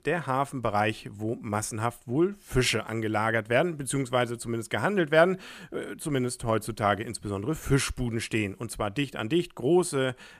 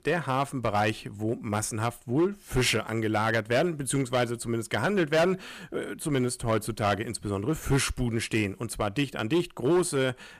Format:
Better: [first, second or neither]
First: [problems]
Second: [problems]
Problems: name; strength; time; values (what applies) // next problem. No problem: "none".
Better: first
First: none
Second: distortion; slight; 5% of the sound clipped